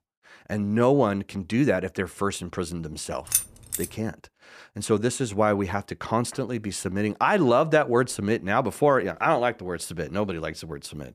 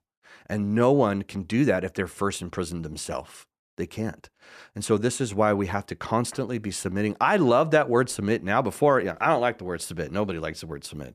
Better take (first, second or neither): second